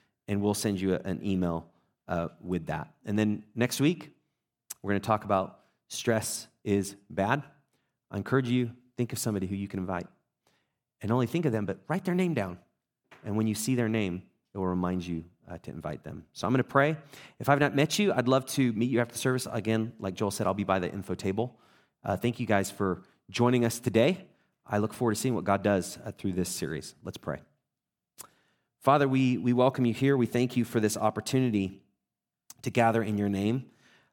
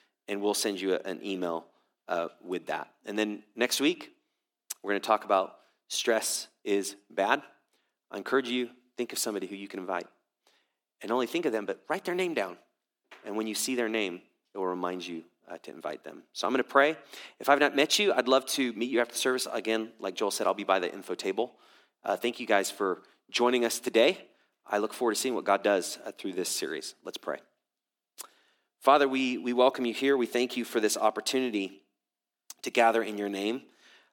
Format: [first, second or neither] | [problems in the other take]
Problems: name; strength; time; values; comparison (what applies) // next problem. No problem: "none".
first | thin; somewhat; fading below 300 Hz